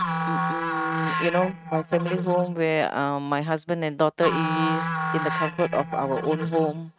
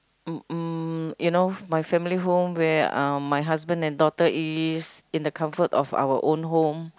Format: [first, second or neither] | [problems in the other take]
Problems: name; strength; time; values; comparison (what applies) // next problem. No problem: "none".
second | noise reduction (neural mask model RNNoise)